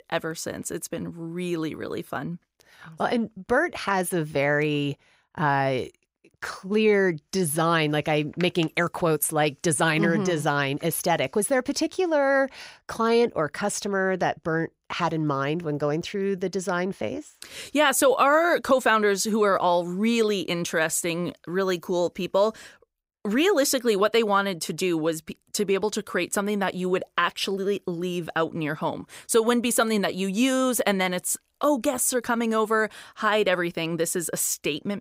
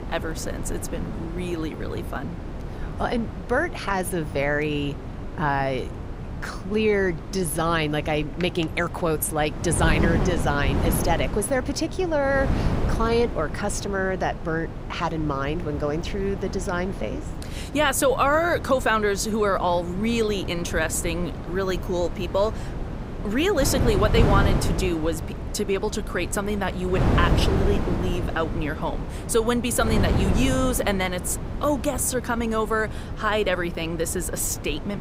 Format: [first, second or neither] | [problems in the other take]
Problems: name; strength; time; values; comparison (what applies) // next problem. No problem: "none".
first | wind noise on the microphone; occasional gusts; 10 dB below the speech